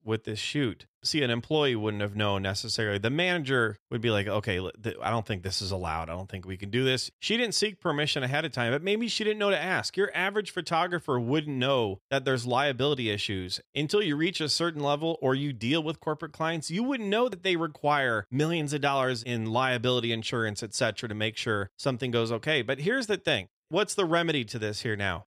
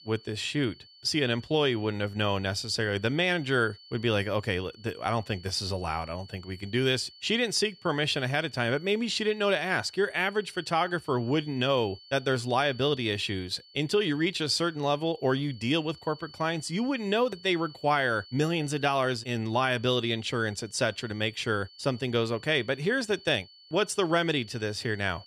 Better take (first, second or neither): first